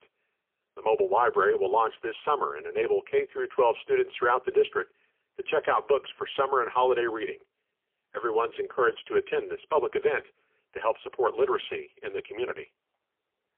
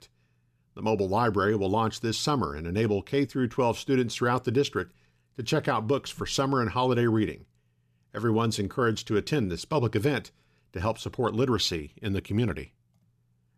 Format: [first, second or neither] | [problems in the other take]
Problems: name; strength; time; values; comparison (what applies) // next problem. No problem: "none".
second | phone-call audio; poor line; nothing above 3.5 kHz